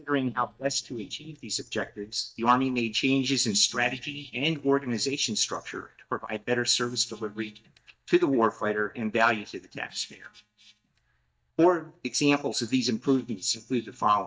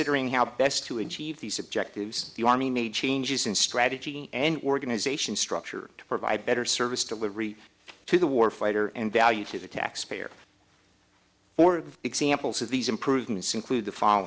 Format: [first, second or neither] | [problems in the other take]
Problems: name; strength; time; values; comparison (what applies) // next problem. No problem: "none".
second | noise reduction (neural mask model DeepFilterNet 3)